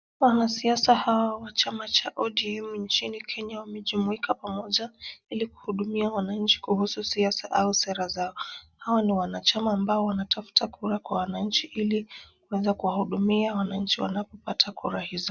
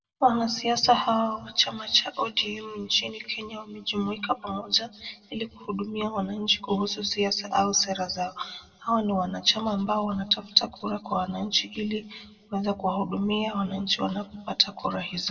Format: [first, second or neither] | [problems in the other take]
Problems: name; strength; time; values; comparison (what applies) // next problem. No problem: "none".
first | room echo; dies away in 1.8 s